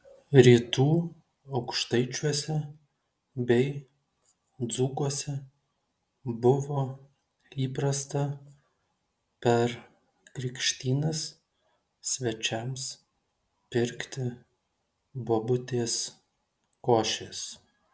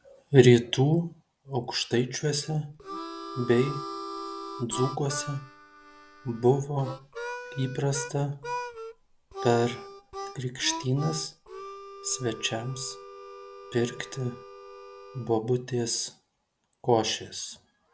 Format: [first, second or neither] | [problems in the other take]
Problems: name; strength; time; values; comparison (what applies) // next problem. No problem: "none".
first | background sound (Harmonica); 12 dB below the speech